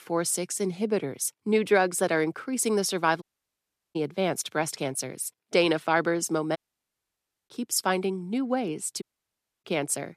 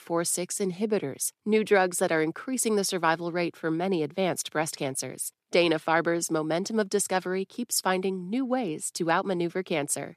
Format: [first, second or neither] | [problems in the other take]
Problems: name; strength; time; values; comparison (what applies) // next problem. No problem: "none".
second | audio cutting out; at 3 s for 0.5 s, at 6.5 s for 1 s and at 9 s for 0.5 s